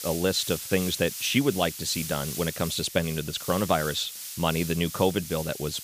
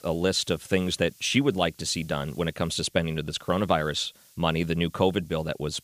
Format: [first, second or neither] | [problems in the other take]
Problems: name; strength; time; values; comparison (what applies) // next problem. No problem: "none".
second | hiss; loud; throughout; 8 dB below the speech; faint in the second